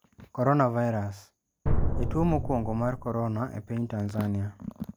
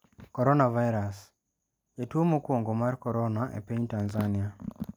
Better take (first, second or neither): second